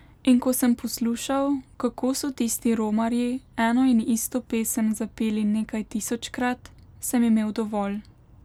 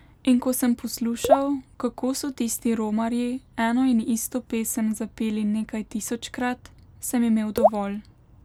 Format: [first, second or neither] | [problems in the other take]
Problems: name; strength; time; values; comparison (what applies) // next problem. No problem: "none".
first | background sound (Raindrop / Drip); 2 dB above the speech